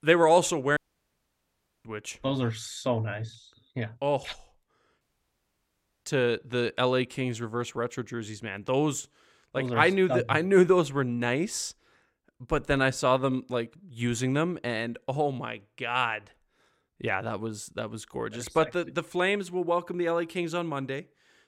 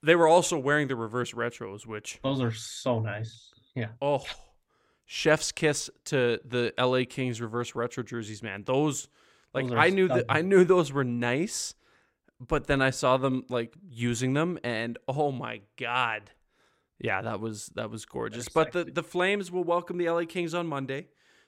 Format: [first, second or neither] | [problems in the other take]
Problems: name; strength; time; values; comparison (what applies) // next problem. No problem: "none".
second | audio cutting out; at 1 s for 1 s and at 5 s for 1 s